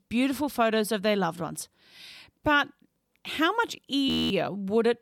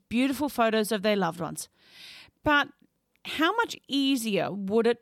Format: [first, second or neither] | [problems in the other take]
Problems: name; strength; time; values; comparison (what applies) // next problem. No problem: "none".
second | audio freezing; at 4 s